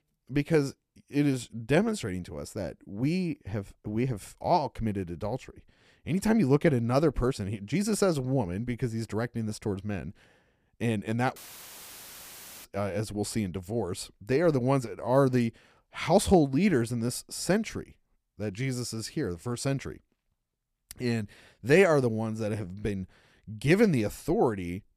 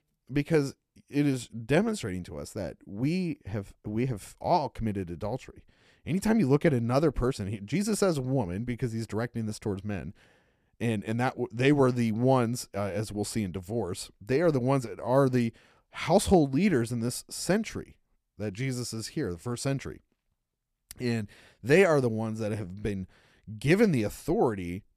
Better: second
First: audio cutting out; filled with static; at 11 s for 1.5 s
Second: none

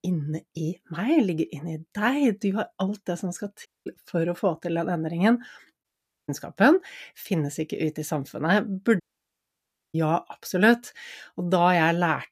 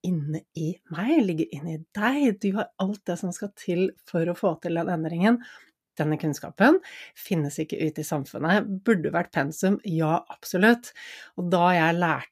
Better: second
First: audio cutting out; at 3.5 s, at 6 s and at 9 s for 1 s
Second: none

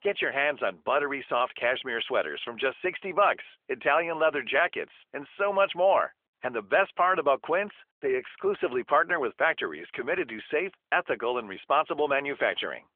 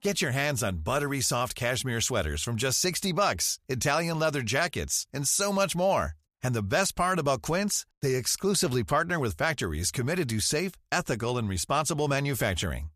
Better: second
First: phone-call audio; nothing above 3.5 kHz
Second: none

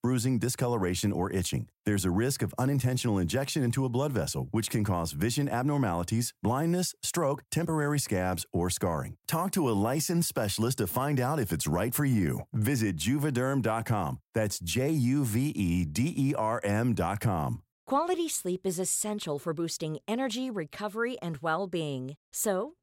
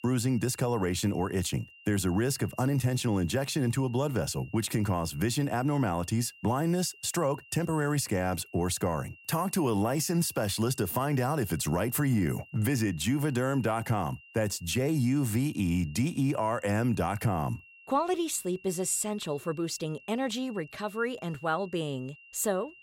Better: first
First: none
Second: high-pitched whine; faint; throughout; 3 kHz, 20 dB below the speech

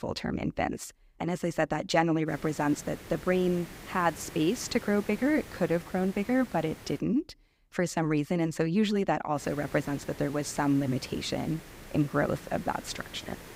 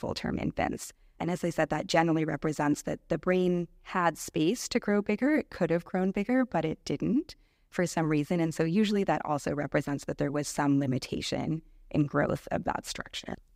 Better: second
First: hiss; noticeable; from 2.5 to 7 s and from 9.5 s on; 15 dB below the speech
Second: none

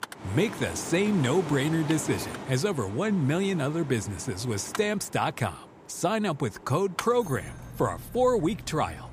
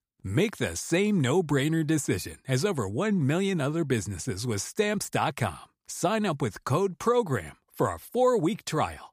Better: second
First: machinery noise; noticeable; throughout; 10 dB below the speech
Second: none

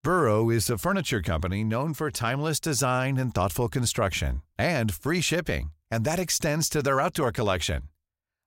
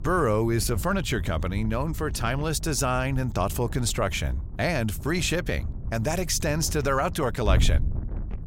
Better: first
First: none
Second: wind noise on the microphone; occasional gusts; 20 dB below the speech

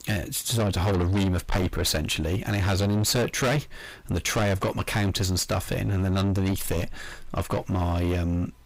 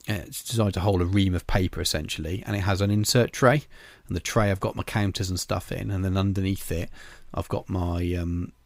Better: second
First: distortion; heavy; 6 dB below the speech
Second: none

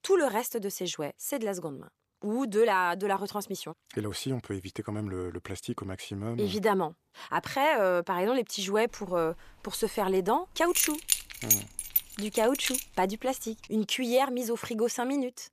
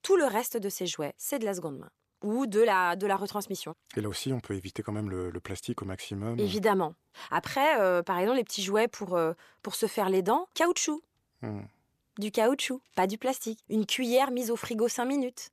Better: second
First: jangling keys; loud; from 11 to 13 s; peak 5 dB above the speech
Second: none

